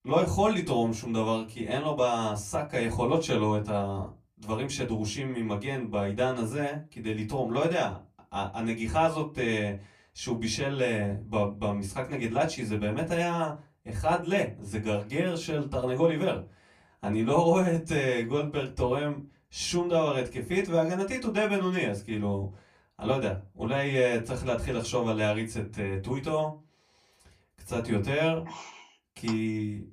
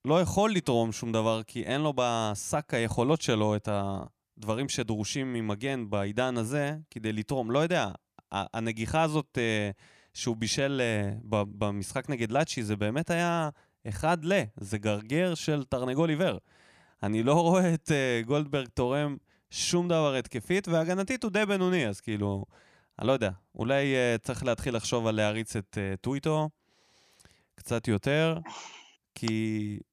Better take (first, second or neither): second